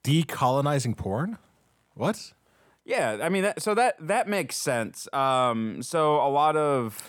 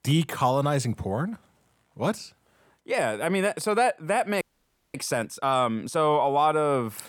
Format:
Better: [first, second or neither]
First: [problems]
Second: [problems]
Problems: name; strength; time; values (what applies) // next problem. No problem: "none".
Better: first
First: none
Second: audio freezing; at 4.5 s for 0.5 s